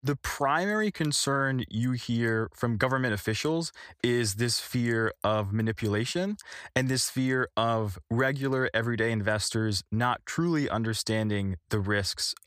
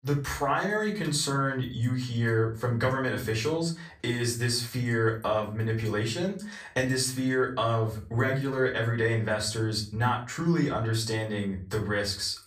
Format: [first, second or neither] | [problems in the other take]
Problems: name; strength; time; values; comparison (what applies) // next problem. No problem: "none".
first | room echo; slight; dies away in 0.3 s // off-mic speech; far